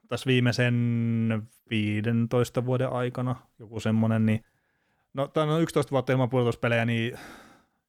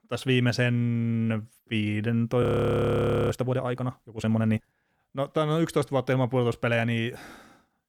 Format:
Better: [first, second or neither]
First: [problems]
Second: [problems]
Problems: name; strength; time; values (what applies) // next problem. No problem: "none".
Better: first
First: none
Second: audio freezing; at 2.5 s for 1 s